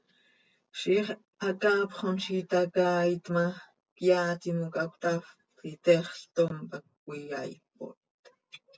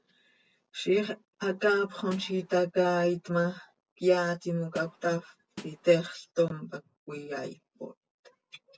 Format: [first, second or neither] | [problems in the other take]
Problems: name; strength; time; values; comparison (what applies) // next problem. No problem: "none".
first | background sound (Snare drum); 16 dB below the speech